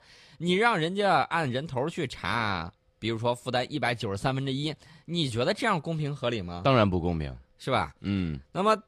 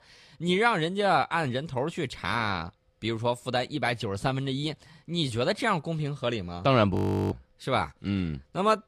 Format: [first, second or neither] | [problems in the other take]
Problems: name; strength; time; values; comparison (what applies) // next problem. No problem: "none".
first | audio freezing; at 7 s